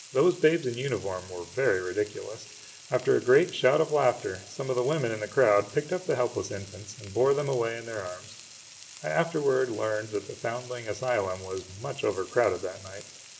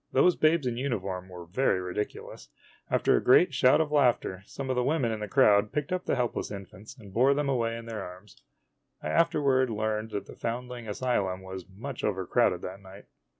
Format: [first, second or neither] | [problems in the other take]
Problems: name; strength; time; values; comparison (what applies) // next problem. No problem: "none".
second | background sound (Frying (food)); 19 dB below the speech // room echo; dies away in 1.3 s